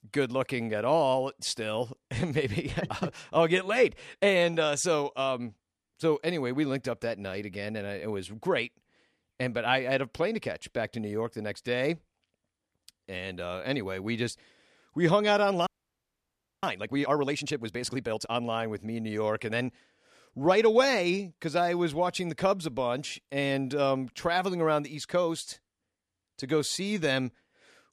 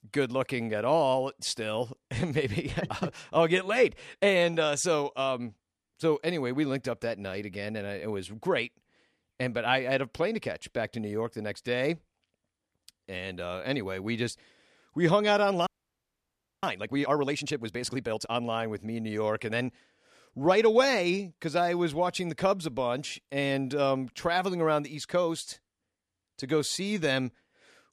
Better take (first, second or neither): neither